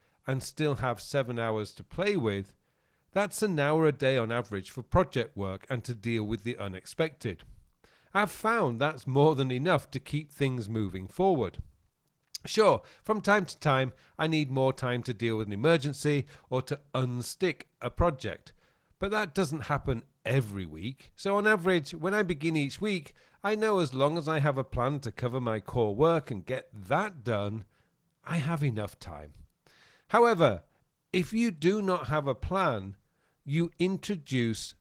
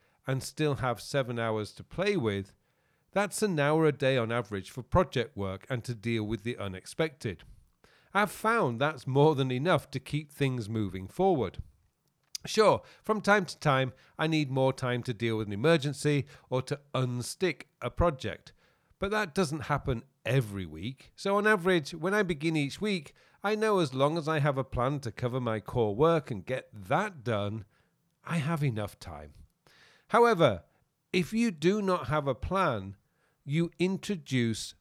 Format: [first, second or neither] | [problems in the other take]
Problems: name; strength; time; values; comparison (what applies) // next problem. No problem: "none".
second | garbled, watery; slightly